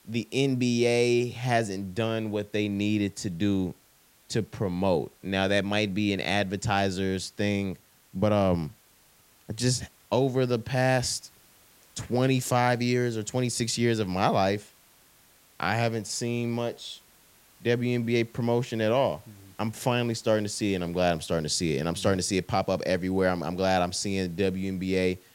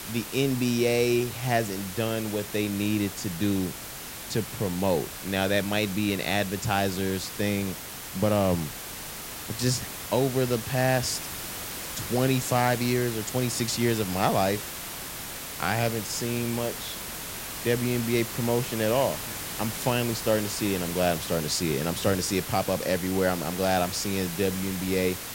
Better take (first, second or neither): first